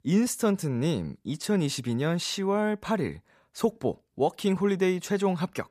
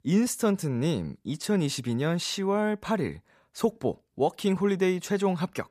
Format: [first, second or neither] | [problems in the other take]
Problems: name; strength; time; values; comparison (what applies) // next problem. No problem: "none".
neither | none